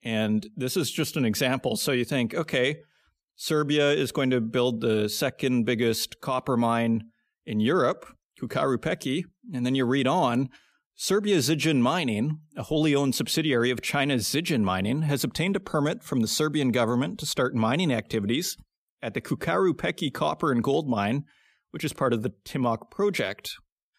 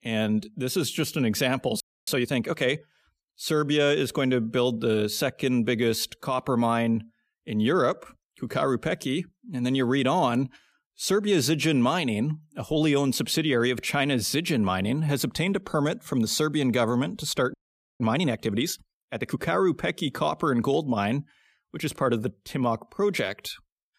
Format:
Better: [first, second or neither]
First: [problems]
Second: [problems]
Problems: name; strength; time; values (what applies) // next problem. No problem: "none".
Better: first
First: none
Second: audio freezing; at 2 s and at 18 s